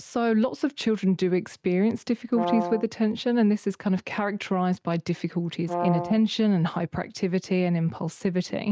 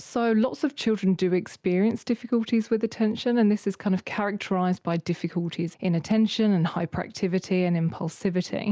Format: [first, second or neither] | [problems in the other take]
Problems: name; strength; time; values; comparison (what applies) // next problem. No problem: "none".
second | noise reduction (neural mask model RNNoise)